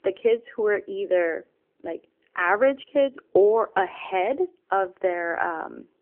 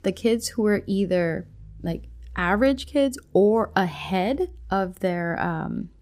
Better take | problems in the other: second | phone-call audio; nothing above 3 kHz

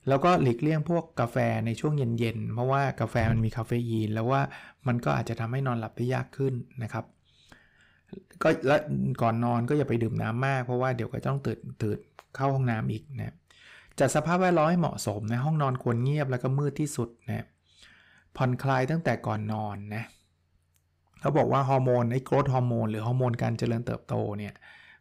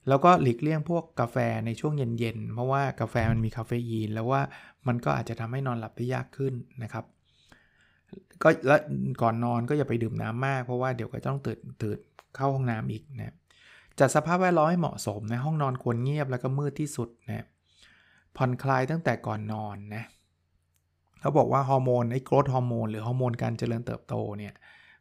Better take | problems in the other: second | distortion; slight; 10 dB below the speech

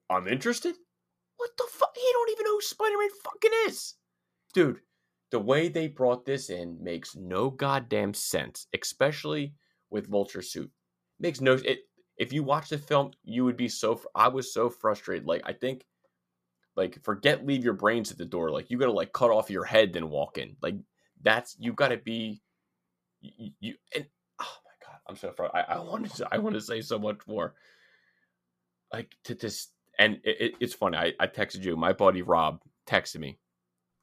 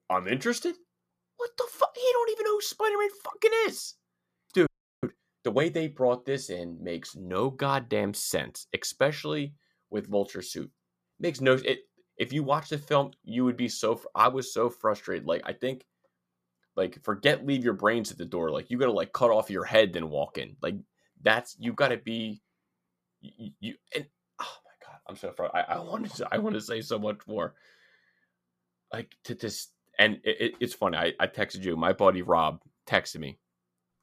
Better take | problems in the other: first | audio freezing; at 4.5 s

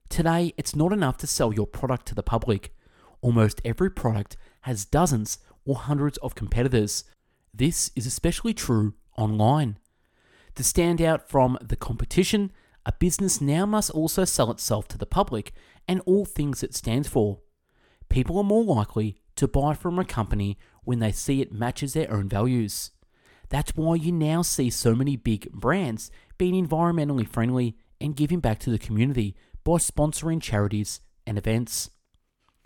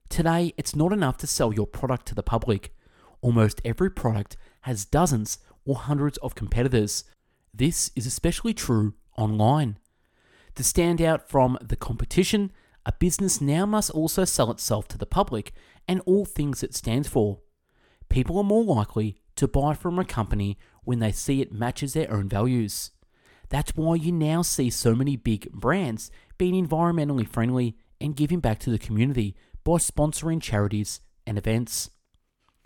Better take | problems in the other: neither | none

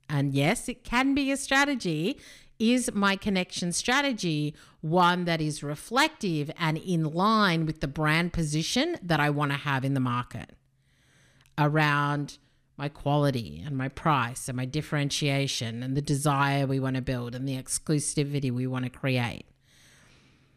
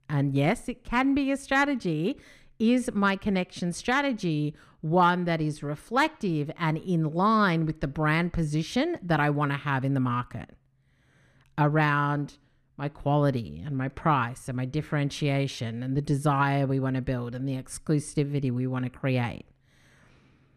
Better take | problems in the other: first | muffled; slightly; fading above 2.5 kHz

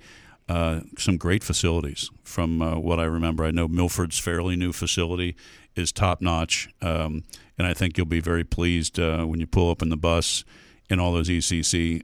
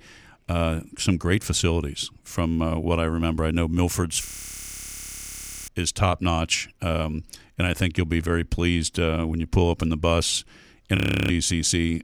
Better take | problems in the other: first | audio freezing; at 4.5 s for 1.5 s and at 11 s

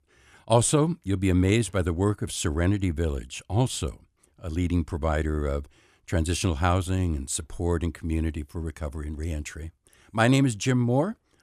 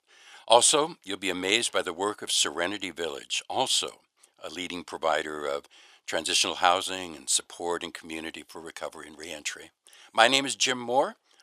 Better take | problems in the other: first | thin; very; fading below 600 Hz

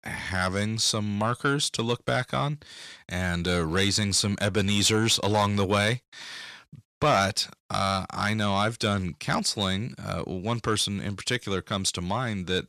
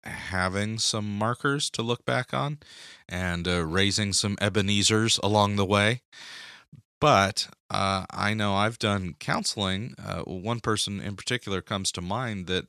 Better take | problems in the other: second | distortion; slight; 10 dB below the speech

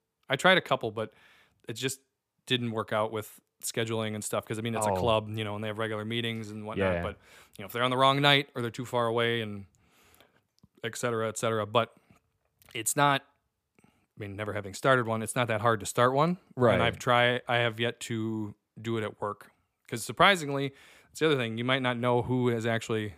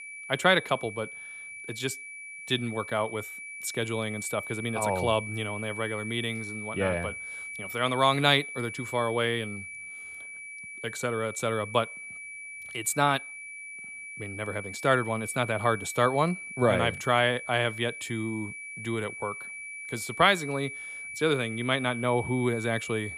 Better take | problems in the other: first | high-pitched whine; loud; throughout; 2.5 kHz, 9 dB below the speech

